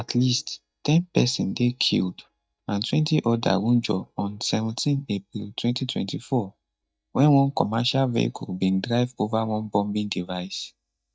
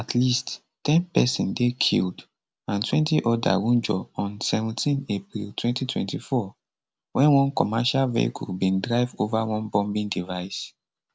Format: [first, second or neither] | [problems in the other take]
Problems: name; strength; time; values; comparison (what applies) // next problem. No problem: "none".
second | noise reduction (neural mask model DeepFilterNet 3)